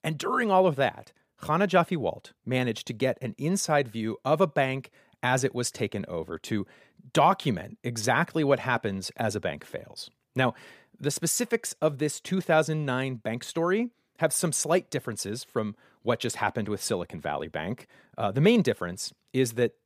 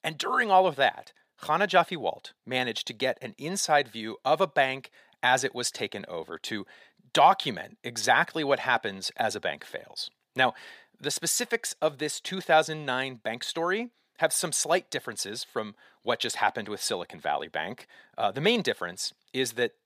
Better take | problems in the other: first | thin; somewhat; fading below 450 Hz

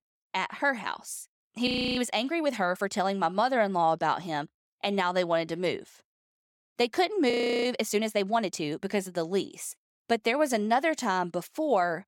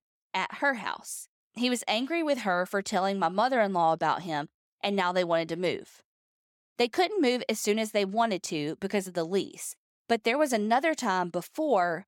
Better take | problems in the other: second | audio freezing; at 1.5 s and at 7.5 s

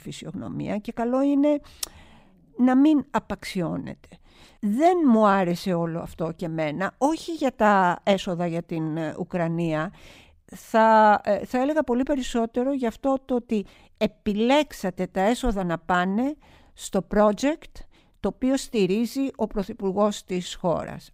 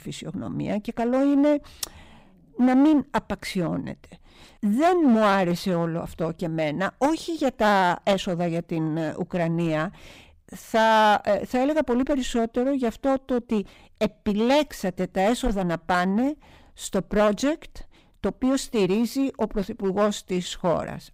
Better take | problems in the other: first | distortion; slight; 6% of the sound clipped

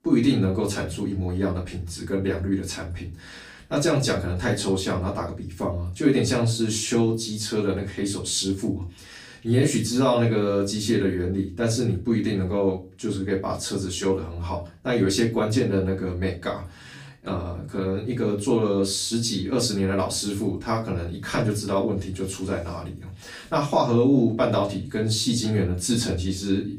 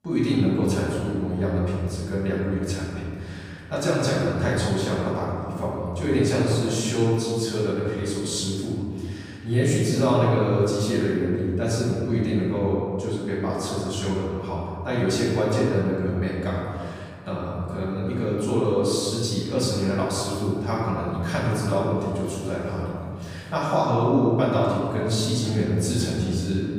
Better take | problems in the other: first | room echo; strong; dies away in 2 s; slight in the first // off-mic speech; far; far in the first

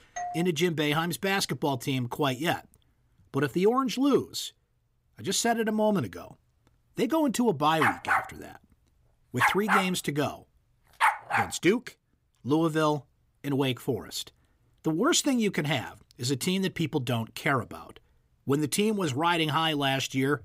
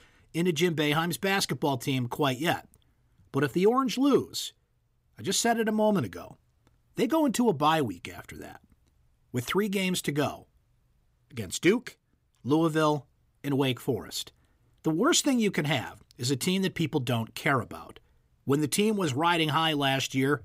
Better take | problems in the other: second | doorbell; noticeable; at the start; peak 9 dB below the speech // dog barking; loud; from 8 to 11 s; peak 4 dB above the speech

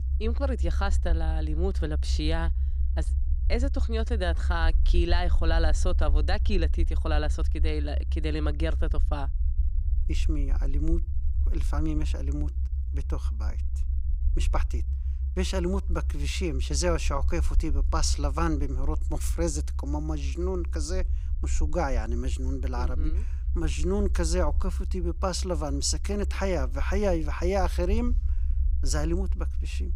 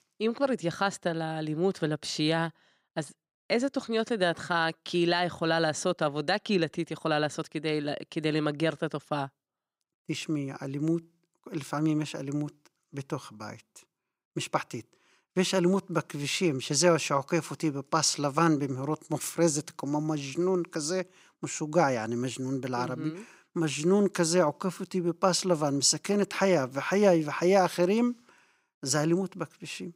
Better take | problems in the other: second | low rumble; noticeable; throughout; 15 dB below the speech

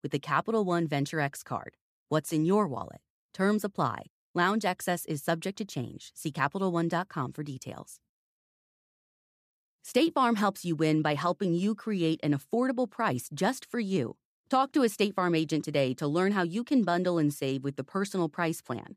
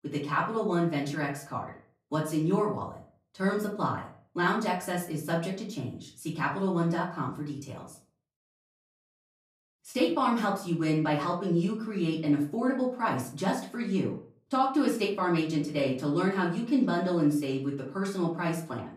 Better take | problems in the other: first | off-mic speech; far // room echo; slight; dies away in 0.4 s

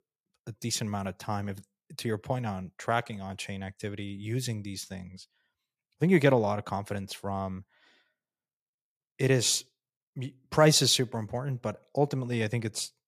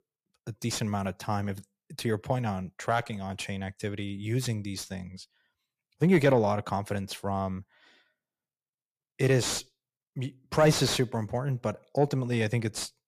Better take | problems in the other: first | distortion; slight; 10 dB below the speech

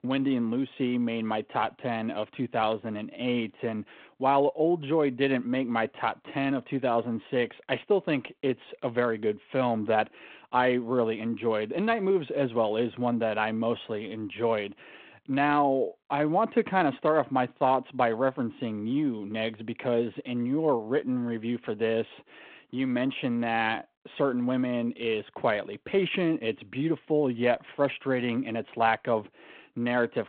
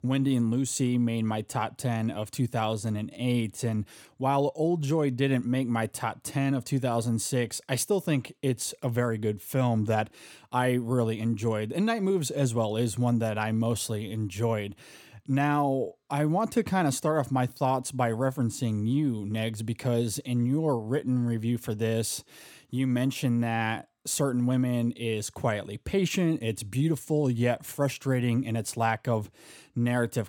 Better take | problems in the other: second | phone-call audio

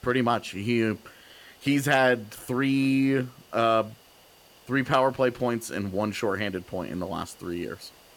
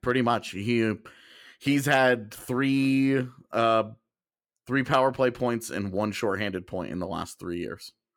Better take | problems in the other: second | hiss; faint; throughout; 25 dB below the speech

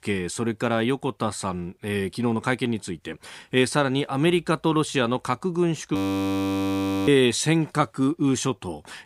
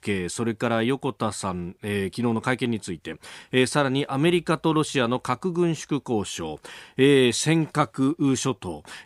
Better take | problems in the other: second | audio freezing; at 6 s for 1 s

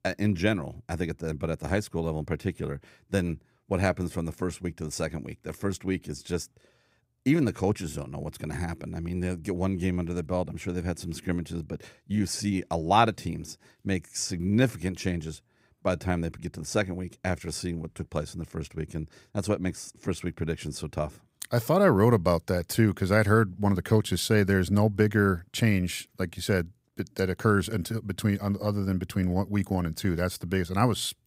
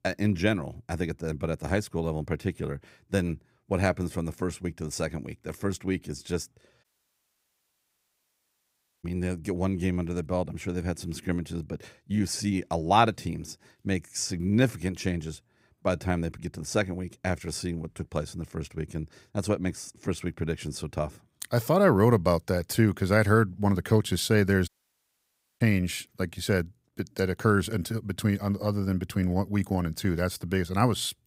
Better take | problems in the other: first | audio cutting out; at 7 s for 2 s and at 25 s for 1 s

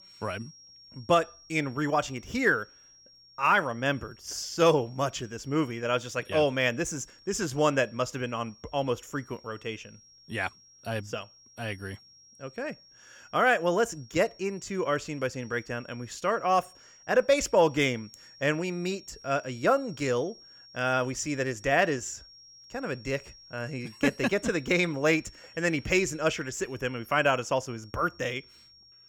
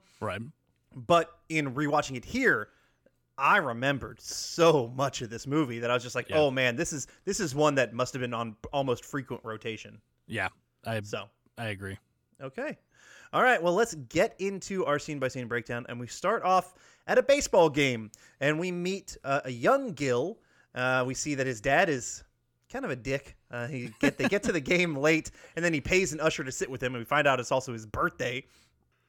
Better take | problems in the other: second | high-pitched whine; faint; throughout; 5.5 kHz, 25 dB below the speech

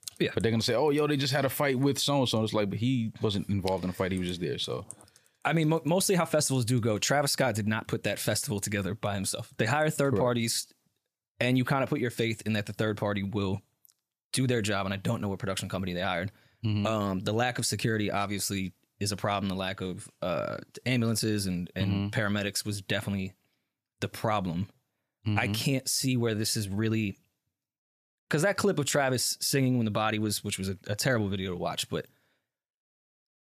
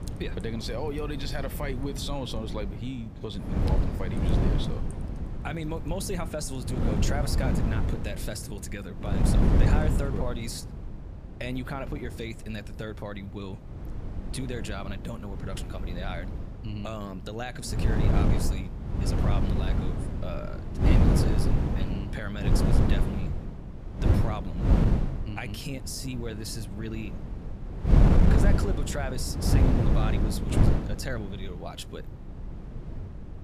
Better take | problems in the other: first | wind noise on the microphone; heavy; as loud as the speech

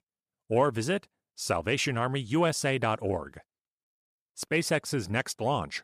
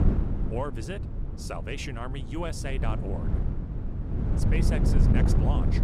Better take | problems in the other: first | wind noise on the microphone; heavy; 2 dB below the speech

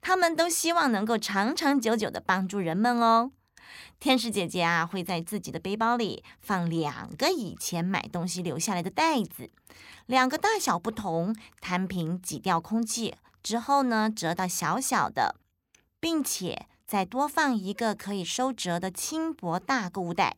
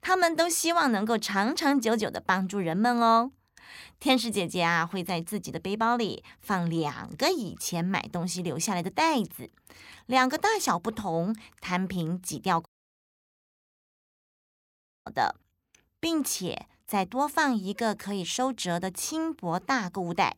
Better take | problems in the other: first | audio cutting out; at 13 s for 2.5 s

